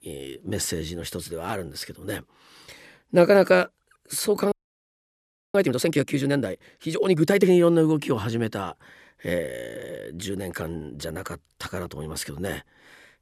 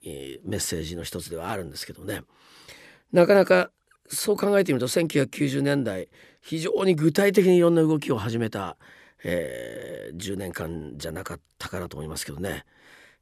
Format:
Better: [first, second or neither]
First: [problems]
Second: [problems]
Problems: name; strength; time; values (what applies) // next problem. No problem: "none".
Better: second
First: audio freezing; at 4.5 s for 1 s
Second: none